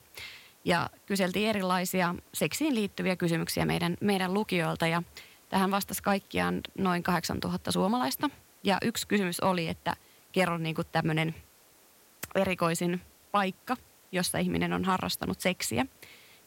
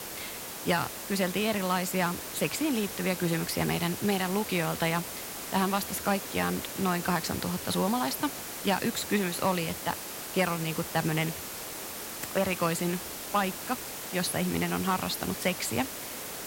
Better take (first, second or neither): first